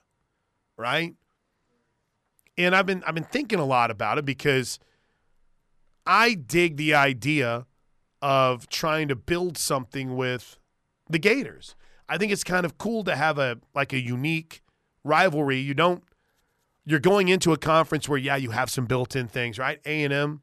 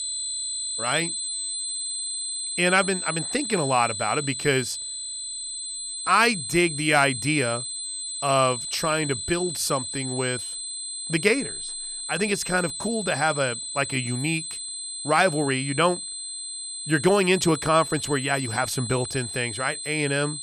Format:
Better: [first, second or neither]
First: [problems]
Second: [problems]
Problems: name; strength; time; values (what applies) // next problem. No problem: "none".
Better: first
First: none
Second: high-pitched whine; loud; throughout; 8 kHz, 5 dB below the speech